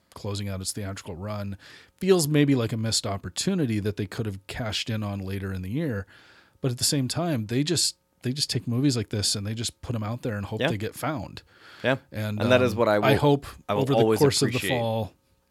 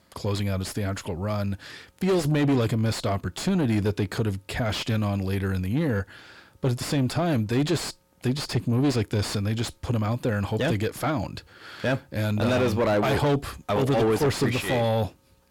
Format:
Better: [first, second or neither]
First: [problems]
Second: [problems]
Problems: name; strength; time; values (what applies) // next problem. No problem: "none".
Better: first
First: none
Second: distortion; heavy; 6 dB below the speech